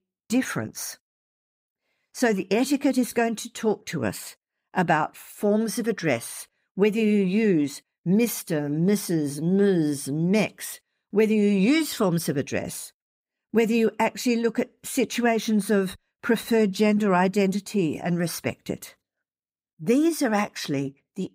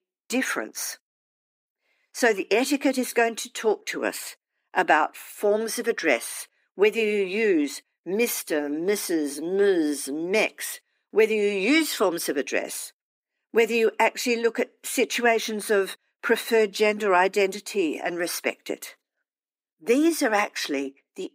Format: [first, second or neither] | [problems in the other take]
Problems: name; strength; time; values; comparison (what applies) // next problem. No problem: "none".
first | thin; somewhat; fading below 300 Hz